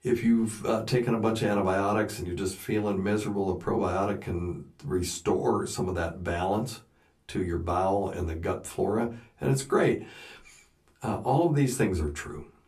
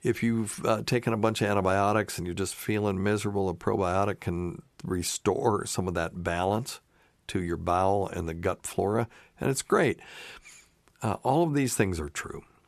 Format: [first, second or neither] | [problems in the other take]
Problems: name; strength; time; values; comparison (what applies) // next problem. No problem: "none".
second | off-mic speech; far // room echo; very slight; dies away in 0.2 s